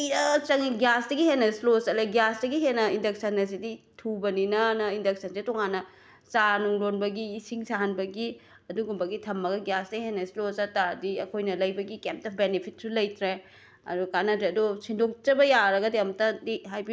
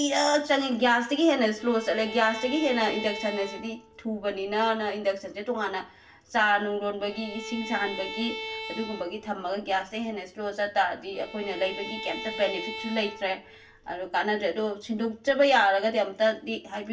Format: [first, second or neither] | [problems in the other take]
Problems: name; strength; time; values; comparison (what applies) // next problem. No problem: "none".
first | background sound (Bowed string instrument); 11 dB below the speech // room echo; dies away in 0.2 s